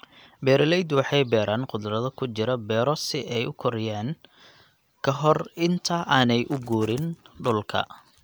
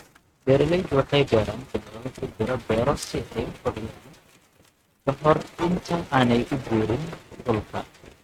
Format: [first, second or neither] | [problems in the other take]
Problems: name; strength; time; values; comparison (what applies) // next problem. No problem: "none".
first | noise reduction (neural mask model RNNoise)